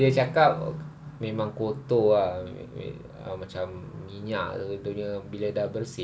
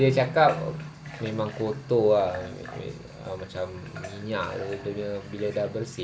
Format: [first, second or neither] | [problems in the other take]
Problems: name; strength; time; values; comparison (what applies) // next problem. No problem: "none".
first | background sound (Water tap, faucet / Water); 18 dB below the speech